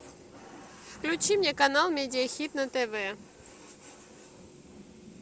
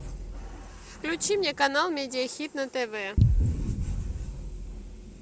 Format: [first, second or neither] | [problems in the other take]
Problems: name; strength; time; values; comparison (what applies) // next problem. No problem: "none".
first | background sound (Boom); 1 dB above the speech